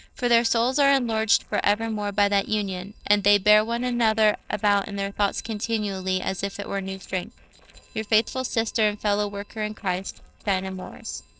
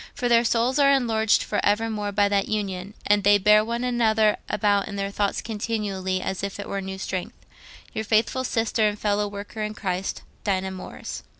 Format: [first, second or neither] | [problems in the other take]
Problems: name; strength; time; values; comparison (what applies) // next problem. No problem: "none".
second | noise reduction (neural separator model SepFormer DNS4)